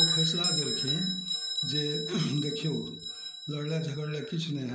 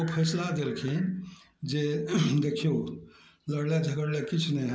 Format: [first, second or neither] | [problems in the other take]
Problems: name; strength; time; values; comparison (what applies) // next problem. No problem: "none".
second | background sound (Bell); as loud as the speech